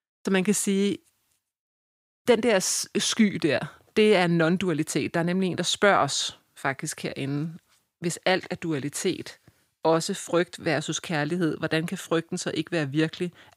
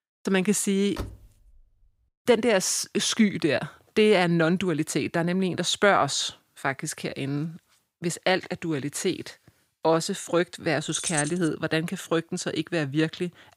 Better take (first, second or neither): first